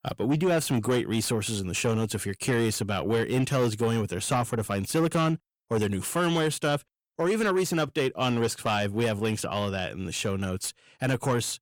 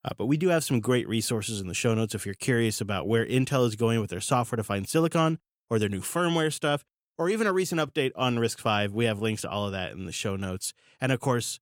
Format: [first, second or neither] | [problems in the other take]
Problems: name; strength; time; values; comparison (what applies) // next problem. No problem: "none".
second | distortion; slight; 10 dB below the speech